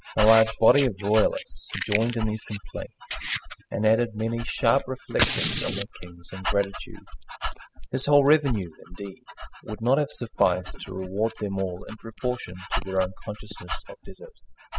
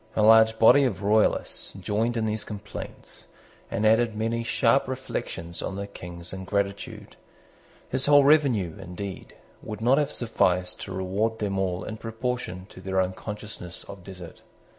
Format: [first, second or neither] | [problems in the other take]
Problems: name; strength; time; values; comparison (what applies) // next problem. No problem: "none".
second | noise reduction (classical method spectral subtraction)